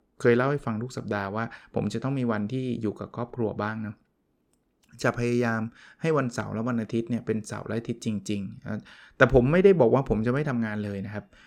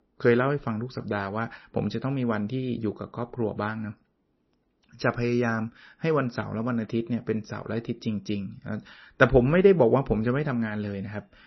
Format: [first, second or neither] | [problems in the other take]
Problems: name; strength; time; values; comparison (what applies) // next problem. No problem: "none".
first | garbled, watery; slightly; nothing above 6 kHz